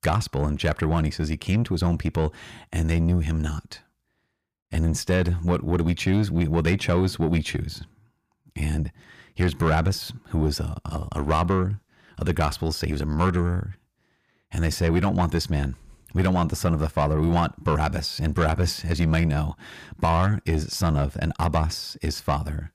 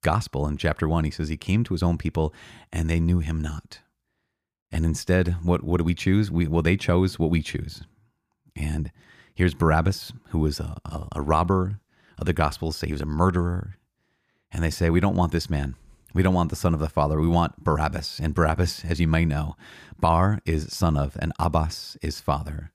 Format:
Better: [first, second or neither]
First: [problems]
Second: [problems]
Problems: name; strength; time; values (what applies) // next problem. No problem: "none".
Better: second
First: distortion; slight; 10 dB below the speech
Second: none